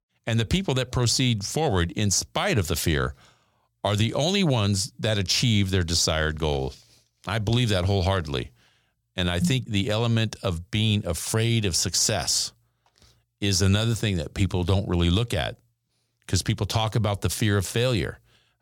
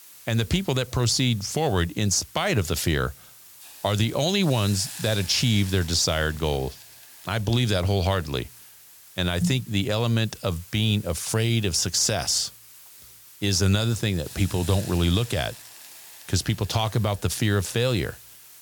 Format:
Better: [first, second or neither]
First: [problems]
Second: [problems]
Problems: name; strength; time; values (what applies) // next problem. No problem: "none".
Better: first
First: none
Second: hiss; noticeable; throughout; 20 dB below the speech